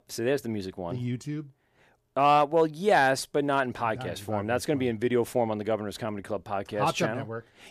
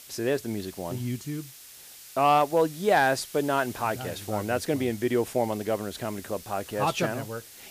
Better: first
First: none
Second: hiss; noticeable; throughout; 15 dB below the speech

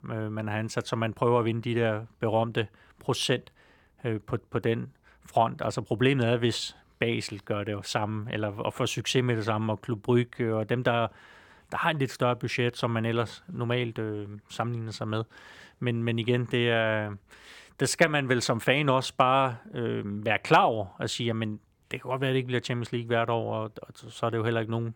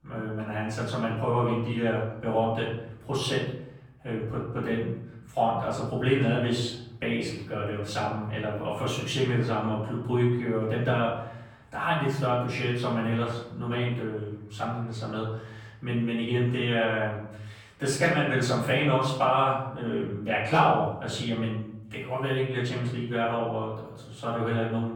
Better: first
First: none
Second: room echo; noticeable; dies away in 0.8 s // off-mic speech; far

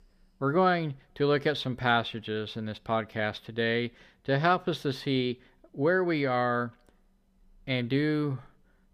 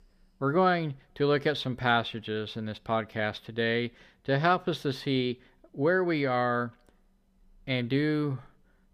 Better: neither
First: none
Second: none

